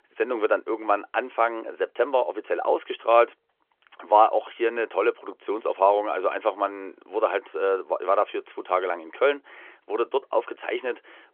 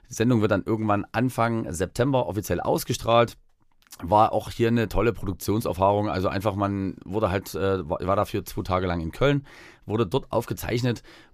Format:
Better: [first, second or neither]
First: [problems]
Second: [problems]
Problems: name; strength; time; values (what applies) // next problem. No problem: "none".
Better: second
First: phone-call audio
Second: none